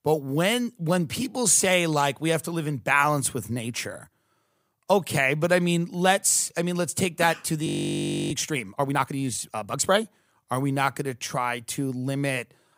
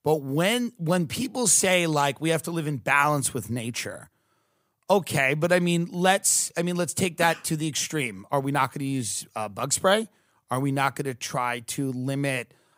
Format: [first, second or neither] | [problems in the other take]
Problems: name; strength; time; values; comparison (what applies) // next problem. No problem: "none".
second | audio freezing; at 7.5 s for 0.5 s